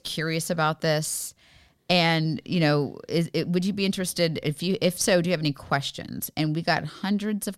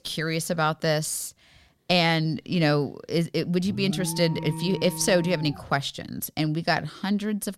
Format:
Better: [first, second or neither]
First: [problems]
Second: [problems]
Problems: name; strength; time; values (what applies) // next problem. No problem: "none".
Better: first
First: none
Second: alarm; noticeable; from 3.5 to 5.5 s; peak 7 dB below the speech